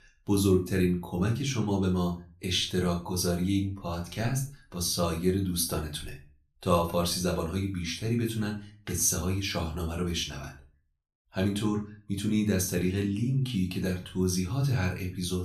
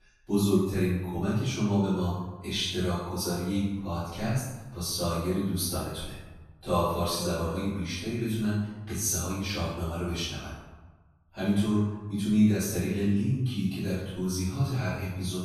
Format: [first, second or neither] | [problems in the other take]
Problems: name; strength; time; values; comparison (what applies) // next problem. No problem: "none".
first | room echo; strong; dies away in 1 s; slight in the first // off-mic speech; far; somewhat distant in the first